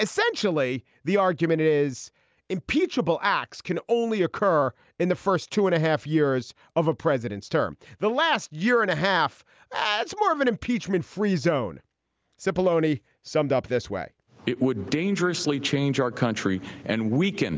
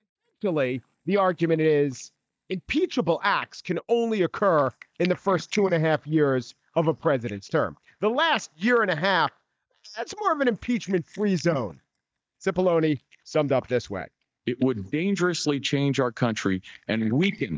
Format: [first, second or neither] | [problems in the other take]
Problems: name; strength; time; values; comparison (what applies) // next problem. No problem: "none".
first | noise reduction (neural mask model DeepFilterNet 3)